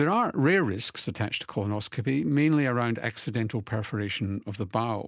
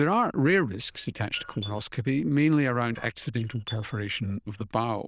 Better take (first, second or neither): first